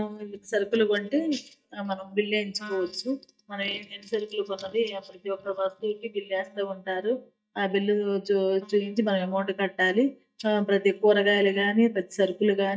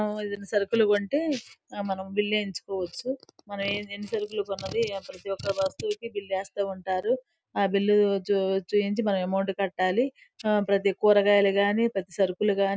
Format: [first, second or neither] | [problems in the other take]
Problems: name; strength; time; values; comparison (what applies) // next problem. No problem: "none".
second | noise reduction (neural mask model DeepFilterNet 3)